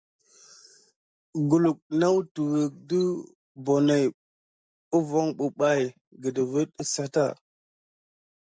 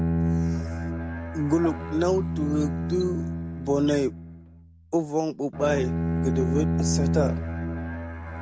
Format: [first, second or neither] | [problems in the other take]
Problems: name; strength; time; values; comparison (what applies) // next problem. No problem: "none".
first | background sound (Bowed string instrument); as loud as the speech